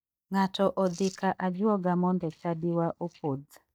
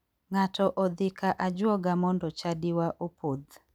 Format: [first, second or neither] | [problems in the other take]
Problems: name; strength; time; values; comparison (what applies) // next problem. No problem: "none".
second | noise reduction (neural mask model DeepFilterNet 3)